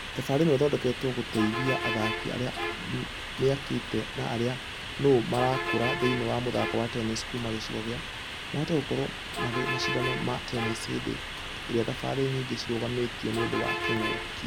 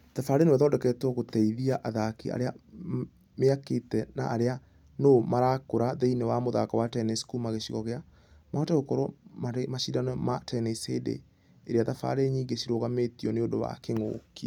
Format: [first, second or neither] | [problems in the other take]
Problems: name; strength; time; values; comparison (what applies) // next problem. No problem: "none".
second | background sound (Bus); 4 dB below the speech